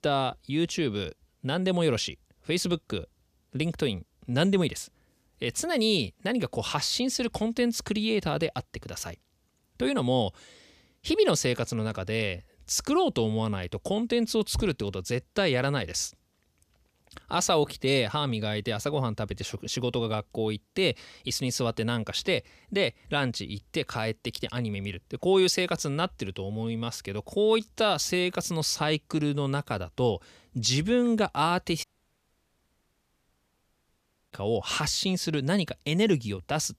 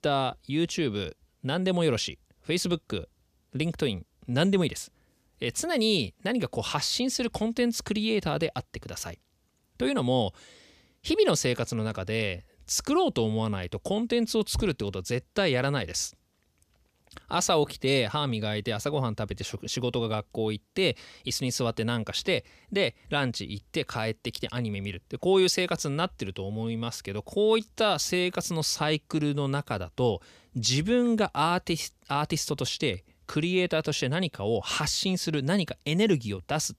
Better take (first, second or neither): second